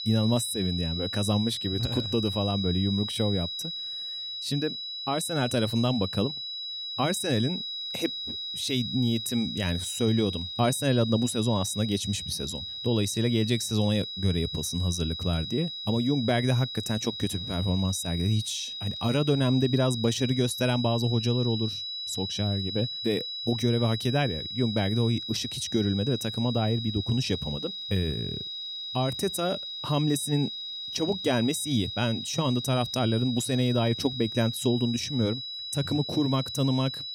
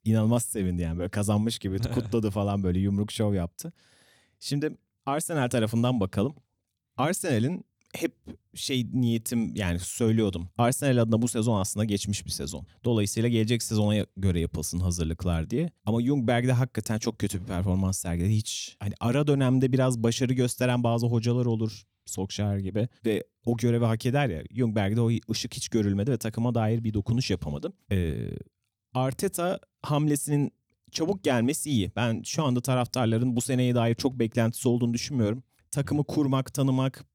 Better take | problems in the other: second | high-pitched whine; loud; throughout; 4 kHz, 5 dB below the speech

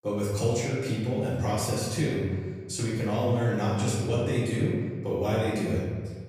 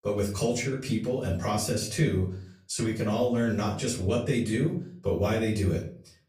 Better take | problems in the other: second | room echo; strong; dies away in 1.5 s; slight in the second // off-mic speech; far; far in the second

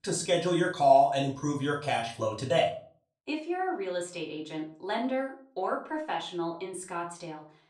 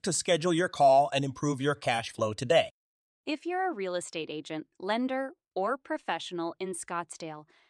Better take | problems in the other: second | room echo; slight; dies away in 0.3 s // off-mic speech; far

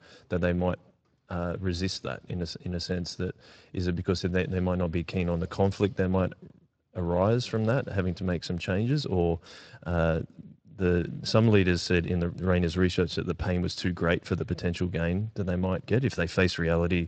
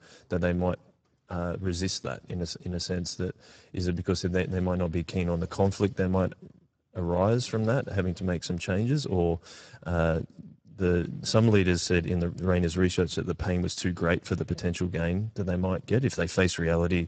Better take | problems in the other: first | garbled, watery; badly; nothing above 8 kHz; slightly in the first

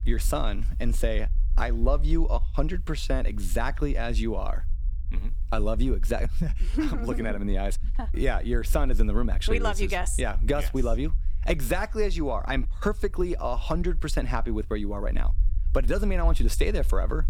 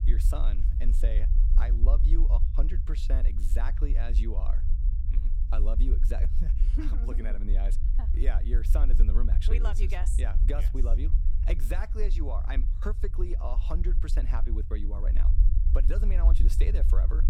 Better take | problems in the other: first | low rumble; loud; throughout; 8 dB below the speech; faint in the first

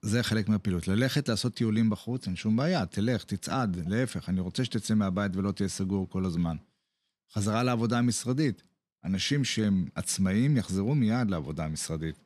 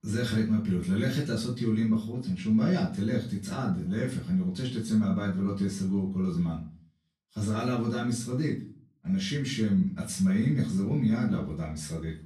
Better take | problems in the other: first | off-mic speech; far // room echo; slight; dies away in 0.3 s

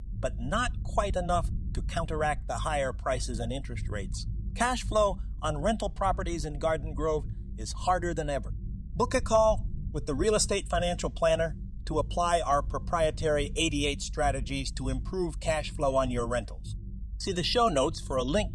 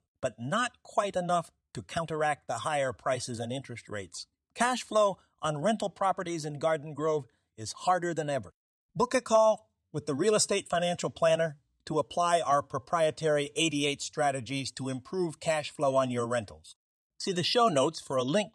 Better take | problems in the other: second | low rumble; faint; throughout; 25 dB below the speech

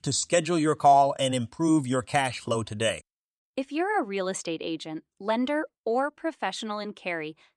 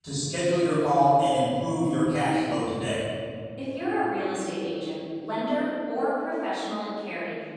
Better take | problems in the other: first | room echo; strong; dies away in 2.5 s // off-mic speech; far

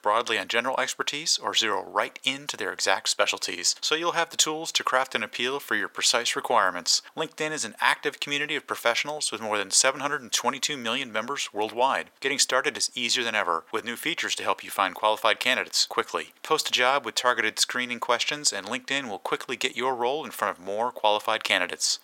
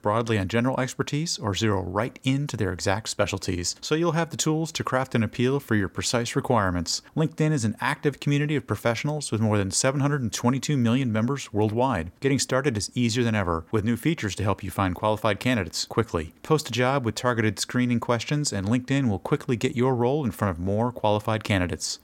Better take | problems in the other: second | thin; very; fading below 650 Hz

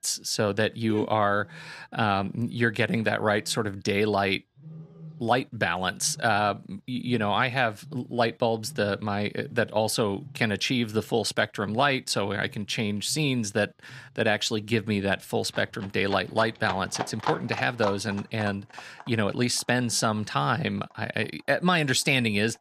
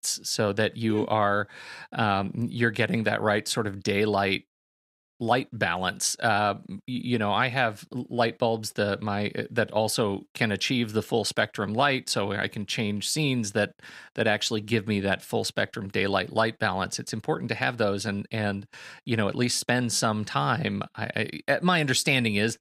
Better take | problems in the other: second | animal sounds; noticeable; throughout; 15 dB below the speech

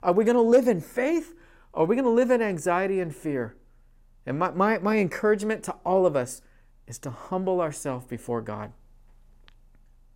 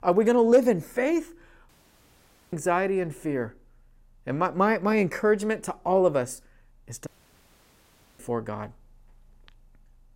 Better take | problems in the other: first | audio cutting out; at 1.5 s for 1 s and at 7 s for 1 s

